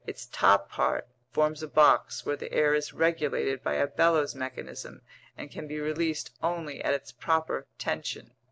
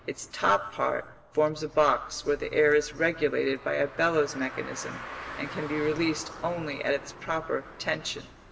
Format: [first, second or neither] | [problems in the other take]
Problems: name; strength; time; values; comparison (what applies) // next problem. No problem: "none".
first | background sound (Car); 16 dB below the speech // room echo; dies away in 2.8 s